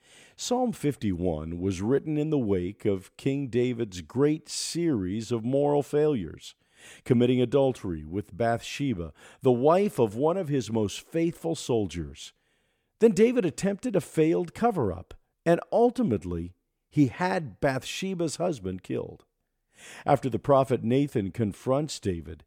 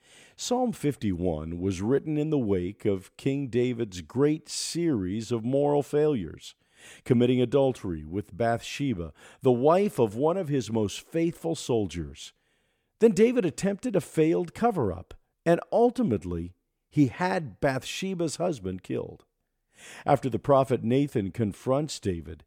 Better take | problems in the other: neither | none

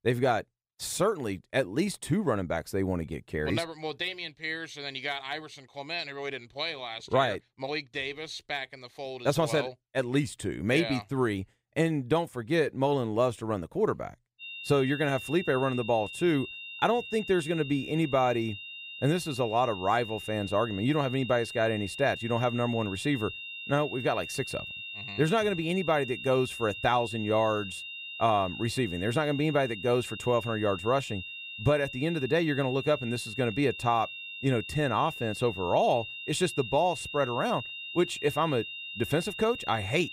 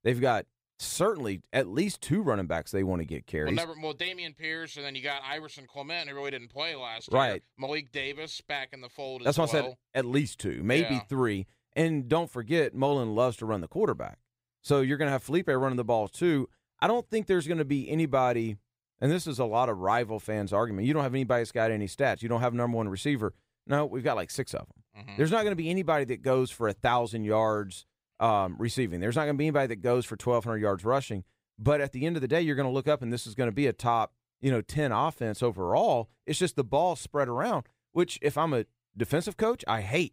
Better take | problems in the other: second | high-pitched whine; loud; from 14 s on; 3 kHz, 9 dB below the speech

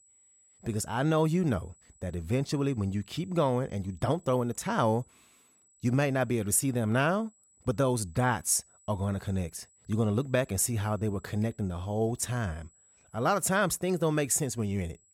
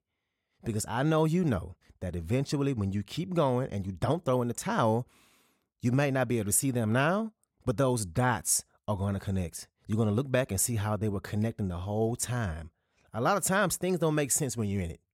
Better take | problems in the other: second | high-pitched whine; faint; throughout; 8 kHz, 30 dB below the speech

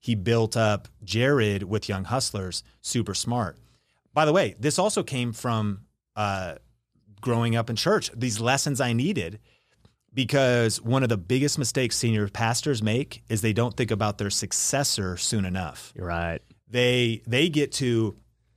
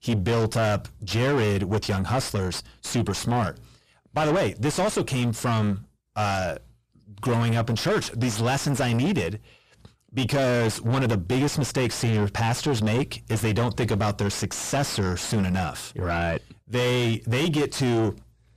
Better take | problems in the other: first | distortion; heavy; 5 dB below the speech

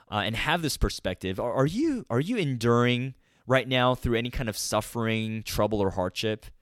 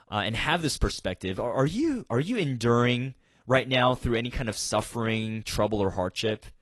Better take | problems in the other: first | garbled, watery; slightly; nothing above 11.5 kHz

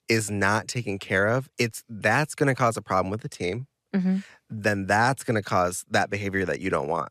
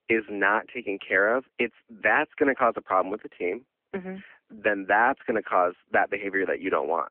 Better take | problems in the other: first | phone-call audio

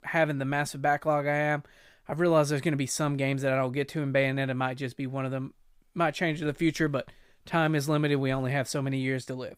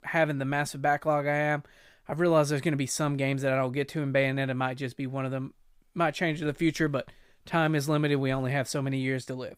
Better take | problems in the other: neither | none

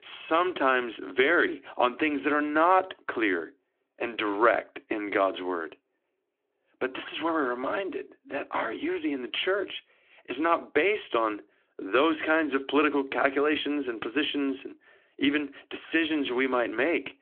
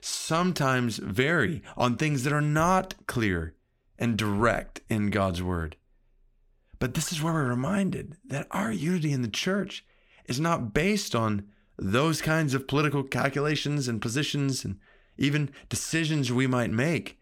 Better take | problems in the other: second | phone-call audio; nothing above 3.5 kHz

